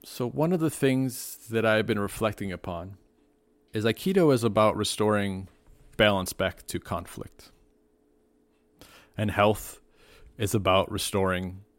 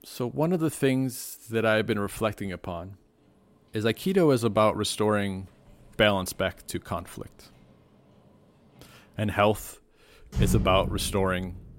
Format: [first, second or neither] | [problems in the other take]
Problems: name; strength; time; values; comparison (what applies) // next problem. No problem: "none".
first | traffic noise; loud; from 3 s on; 5 dB below the speech